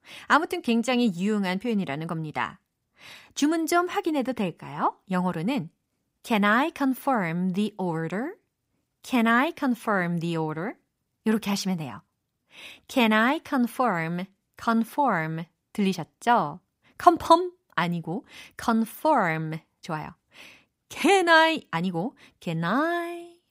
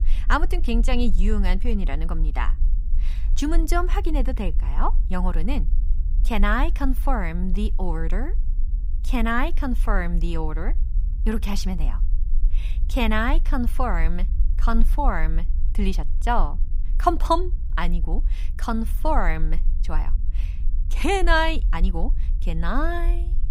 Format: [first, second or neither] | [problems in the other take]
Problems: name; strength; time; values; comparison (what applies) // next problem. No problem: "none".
first | low rumble; faint; throughout; 25 dB below the speech